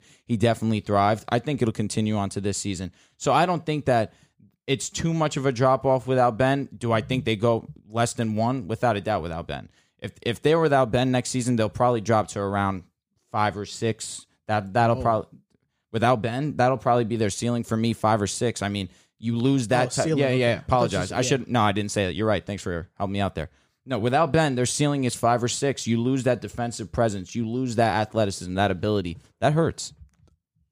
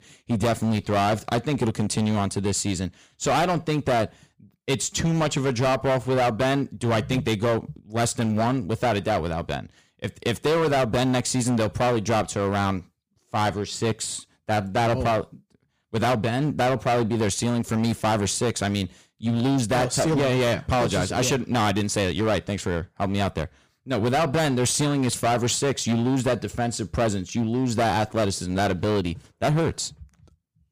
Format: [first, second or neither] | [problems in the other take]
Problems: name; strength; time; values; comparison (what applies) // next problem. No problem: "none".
first | distortion; heavy; 17% of the sound clipped